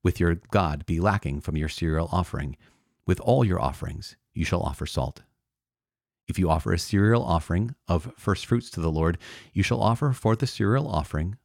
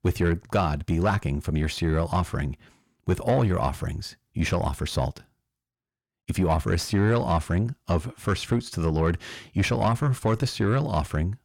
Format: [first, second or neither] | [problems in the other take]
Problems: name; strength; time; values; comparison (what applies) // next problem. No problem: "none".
first | distortion; slight; 10 dB below the speech